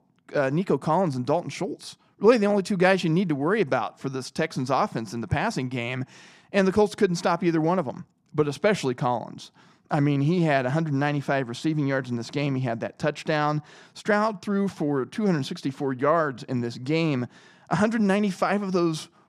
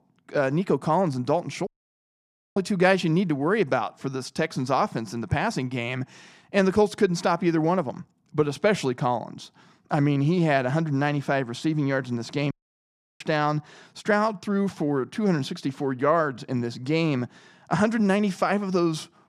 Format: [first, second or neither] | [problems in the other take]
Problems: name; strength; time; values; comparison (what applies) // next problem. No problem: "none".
first | audio cutting out; at 1.5 s for 1 s and at 13 s for 0.5 s